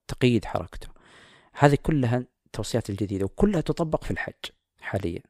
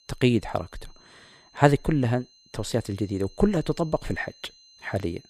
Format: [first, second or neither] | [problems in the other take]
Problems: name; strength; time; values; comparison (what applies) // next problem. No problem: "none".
first | high-pitched whine; faint; throughout; 4 kHz, 25 dB below the speech